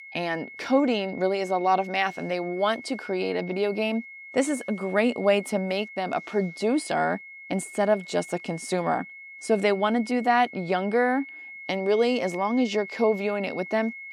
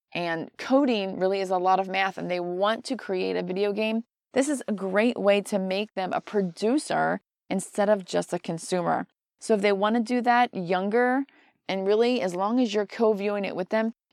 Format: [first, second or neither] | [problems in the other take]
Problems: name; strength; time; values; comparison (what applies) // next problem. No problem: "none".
second | high-pitched whine; noticeable; throughout; 2 kHz, 15 dB below the speech